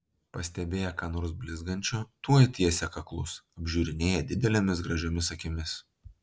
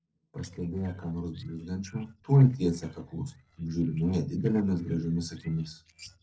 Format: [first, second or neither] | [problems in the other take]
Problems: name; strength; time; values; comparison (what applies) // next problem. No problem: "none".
first | noise reduction (neural separator model SepFormer DNS4)